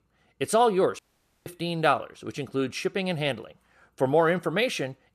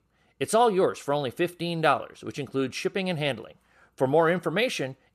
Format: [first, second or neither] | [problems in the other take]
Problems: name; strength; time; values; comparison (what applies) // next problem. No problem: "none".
second | audio cutting out; at 1 s